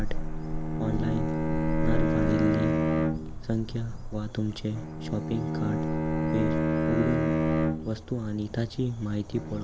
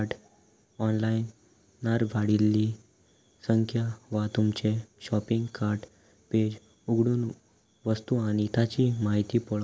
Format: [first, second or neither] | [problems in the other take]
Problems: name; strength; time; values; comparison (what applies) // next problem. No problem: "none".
second | background sound (Bowed string instrument + Cricket / Motor vehicle (road)); 4 dB above the speech